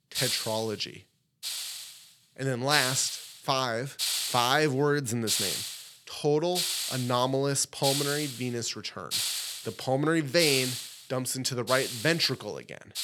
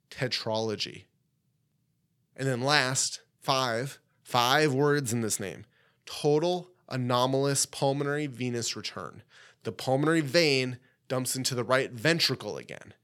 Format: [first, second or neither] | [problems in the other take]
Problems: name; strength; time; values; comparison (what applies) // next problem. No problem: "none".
second | hiss; loud; throughout; 3 dB below the speech